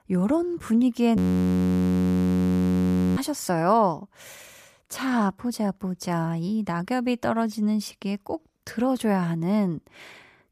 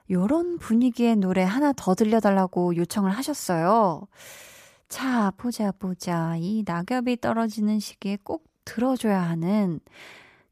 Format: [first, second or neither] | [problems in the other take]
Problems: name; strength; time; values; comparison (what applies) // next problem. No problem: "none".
second | audio freezing; at 1 s for 2 s